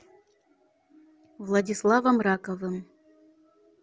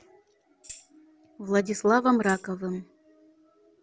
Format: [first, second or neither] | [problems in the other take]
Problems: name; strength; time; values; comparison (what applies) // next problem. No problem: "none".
first | background sound (Tambourine); 20 dB below the speech